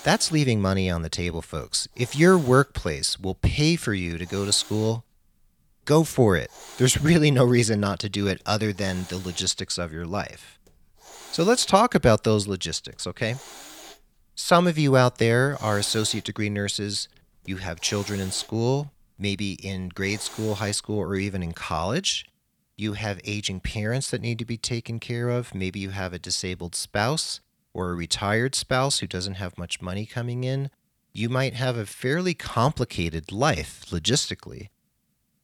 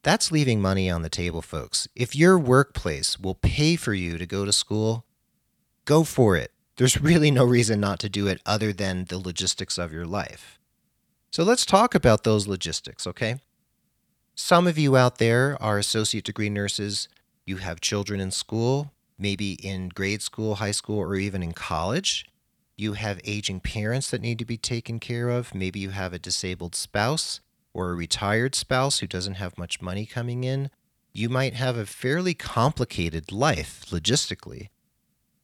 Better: second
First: hiss; noticeable; until 22 s; 20 dB below the speech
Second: none

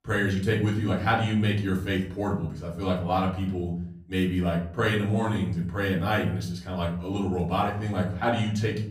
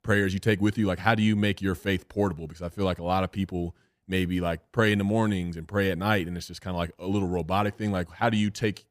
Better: second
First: off-mic speech; far // room echo; slight; dies away in 0.6 s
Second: none

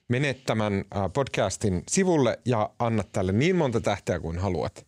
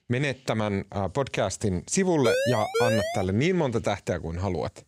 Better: first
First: none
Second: siren; loud; from 2 to 3 s; peak 1 dB above the speech

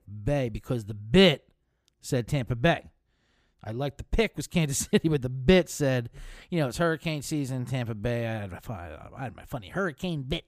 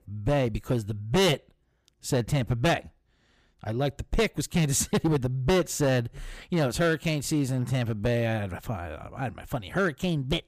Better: first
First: none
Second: distortion; heavy; 7% of the sound clipped

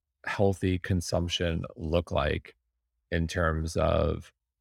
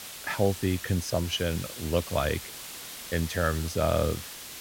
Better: first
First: none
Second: hiss; loud; throughout; 10 dB below the speech

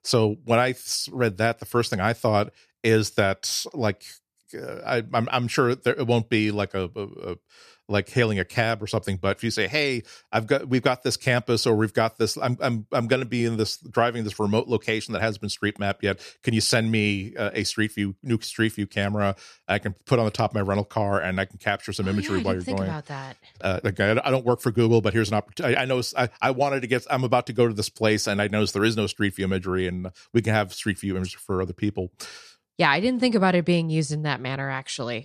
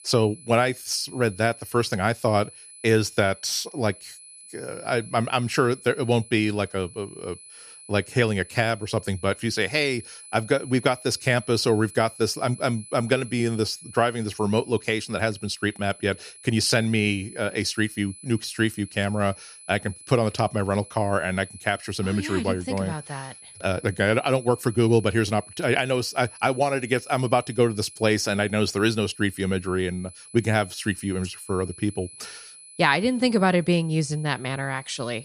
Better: first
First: none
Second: high-pitched whine; noticeable; throughout; 10 kHz, 20 dB below the speech

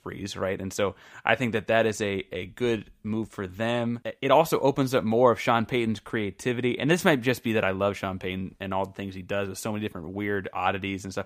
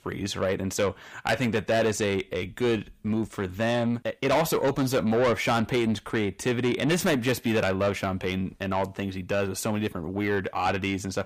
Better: first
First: none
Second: distortion; heavy; 7 dB below the speech

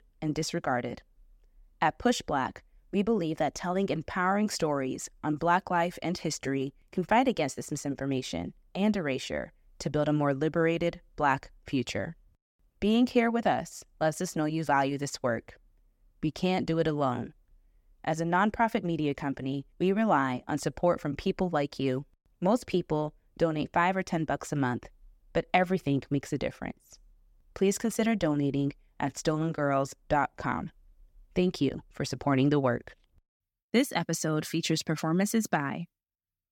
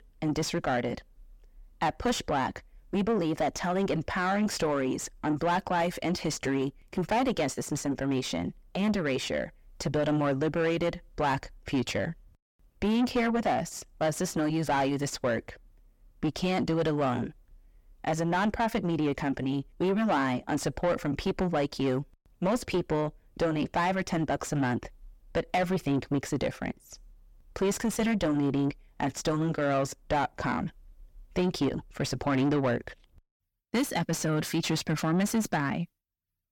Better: first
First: none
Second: distortion; heavy; 7 dB below the speech

